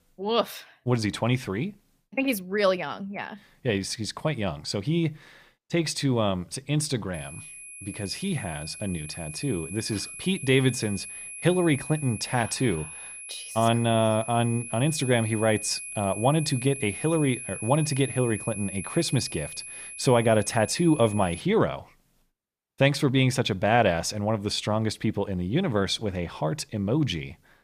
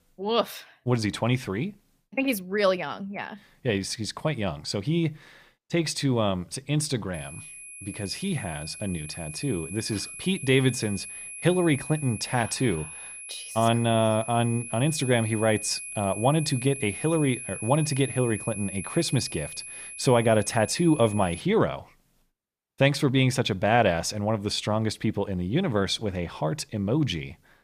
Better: neither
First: high-pitched whine; noticeable; from 7 to 21 s; 11 kHz, 10 dB below the speech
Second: high-pitched whine; noticeable; from 7 to 21 s; 11 kHz, 10 dB below the speech

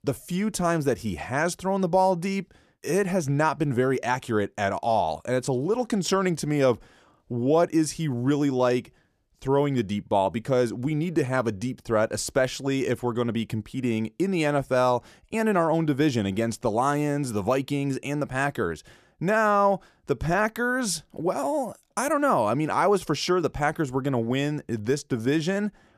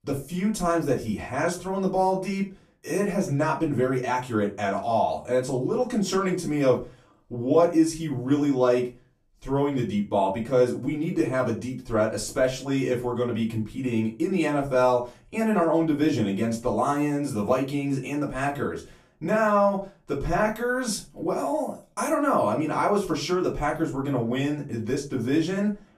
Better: first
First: none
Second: off-mic speech; far // room echo; very slight; dies away in 0.3 s

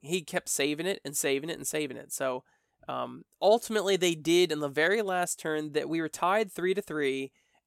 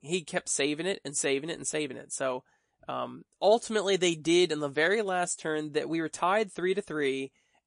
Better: first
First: none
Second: garbled, watery; slightly; nothing above 10.5 kHz

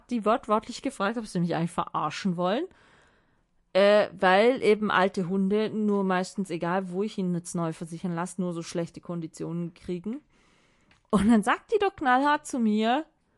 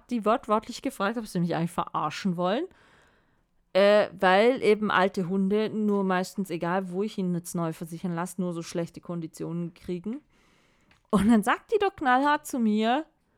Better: second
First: garbled, watery; slightly; nothing above 11 kHz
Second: none

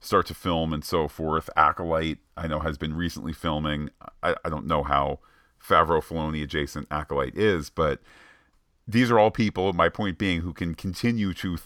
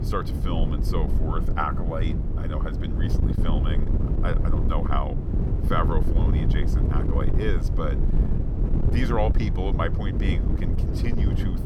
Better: first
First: none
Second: wind noise on the microphone; heavy; 4 dB below the speech

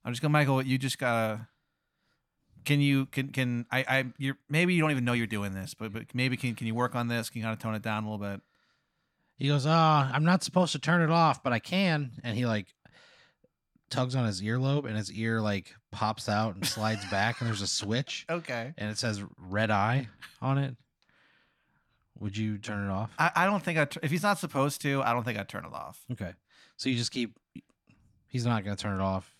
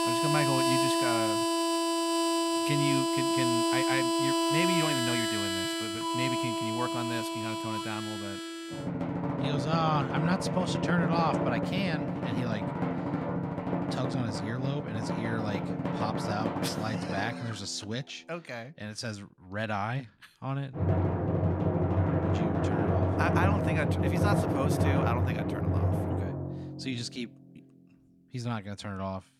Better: first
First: none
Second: background music; very loud; throughout; 4 dB above the speech

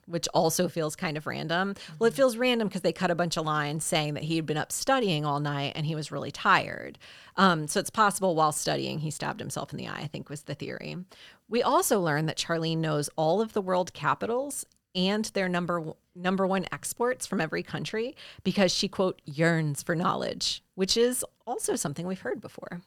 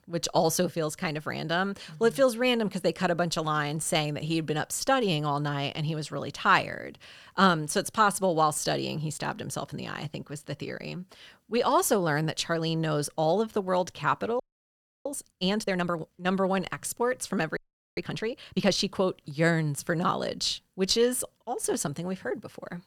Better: first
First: none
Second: audio freezing; at 14 s for 0.5 s and at 18 s

